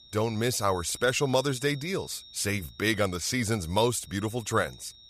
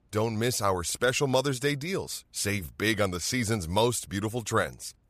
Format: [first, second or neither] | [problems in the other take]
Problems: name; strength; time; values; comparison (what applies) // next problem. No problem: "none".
second | high-pitched whine; noticeable; throughout; 3.5 kHz, 20 dB below the speech